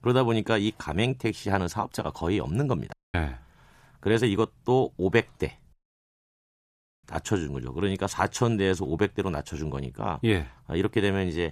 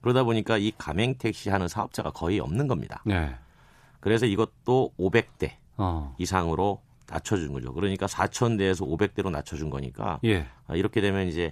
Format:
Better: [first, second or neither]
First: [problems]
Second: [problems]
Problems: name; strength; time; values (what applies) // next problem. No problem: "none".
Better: second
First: audio cutting out; at 3 s and at 5.5 s for 1.5 s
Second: none